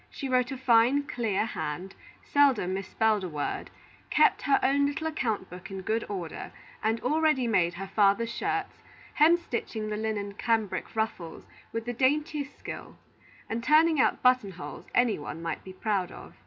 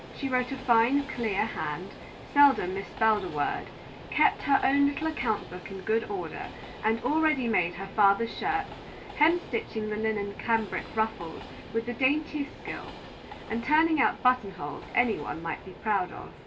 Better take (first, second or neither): first